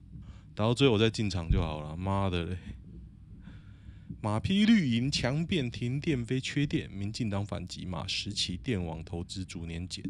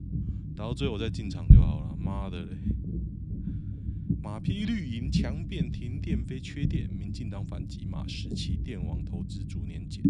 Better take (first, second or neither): first